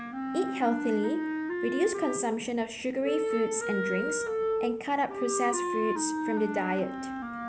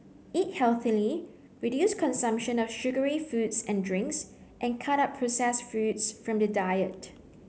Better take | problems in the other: second | background sound (Wind instrument, woodwind instrument); 1 dB below the speech

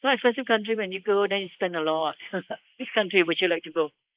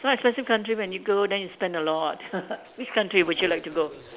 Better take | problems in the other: second | noise reduction (neural mask model Resemble Enhance denoiser)

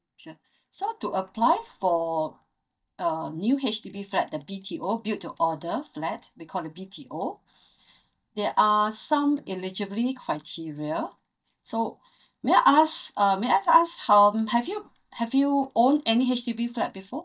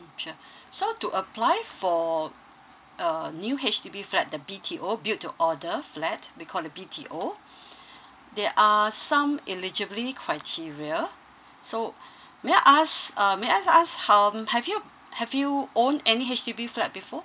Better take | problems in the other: second | noise reduction (neural mask model DeepFilterNet 3)

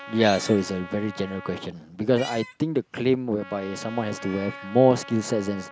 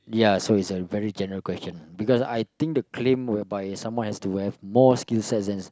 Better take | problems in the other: second | background sound (Meow + Trumpet); 16 dB below the speech

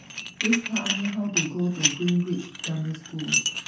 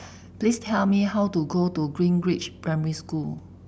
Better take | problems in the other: second | background sound (Dishes, pots, and pans); 1 dB below the speech // room echo; dies away in 0.9 s

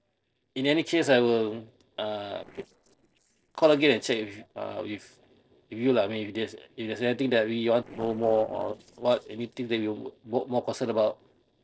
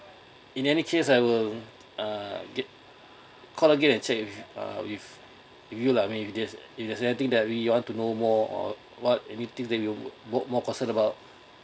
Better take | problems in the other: second | noise reduction (neural separator model SepFormer DNS4)

